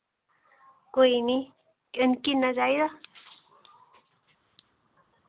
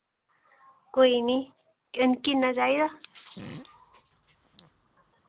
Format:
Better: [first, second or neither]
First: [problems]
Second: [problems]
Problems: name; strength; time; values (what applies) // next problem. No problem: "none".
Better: first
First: none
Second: background sound (Fart); 20 dB below the speech